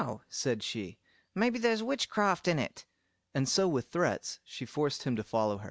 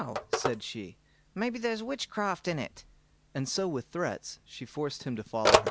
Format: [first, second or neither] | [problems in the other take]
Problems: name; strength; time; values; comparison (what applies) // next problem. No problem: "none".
first | background sound (Telephone); as loud as the speech